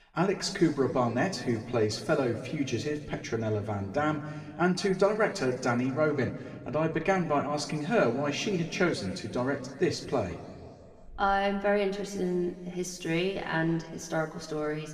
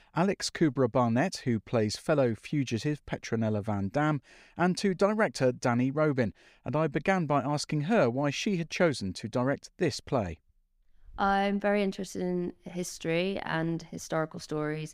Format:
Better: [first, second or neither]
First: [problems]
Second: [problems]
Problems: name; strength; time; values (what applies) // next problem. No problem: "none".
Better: second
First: room echo; slight; dies away in 1.7 s // off-mic speech; somewhat distant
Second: none